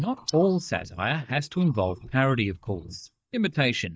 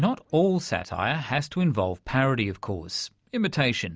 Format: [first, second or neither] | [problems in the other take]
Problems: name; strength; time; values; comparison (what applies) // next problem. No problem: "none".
second | noise reduction (neural mask model DeepFilterNet 3)